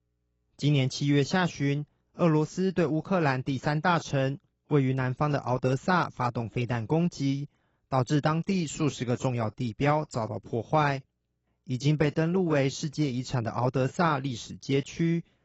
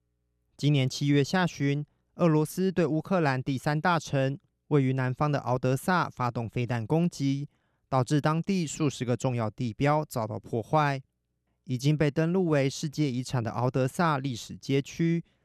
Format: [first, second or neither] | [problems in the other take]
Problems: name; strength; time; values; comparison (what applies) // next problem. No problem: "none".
second | garbled, watery; badly; nothing above 7.5 kHz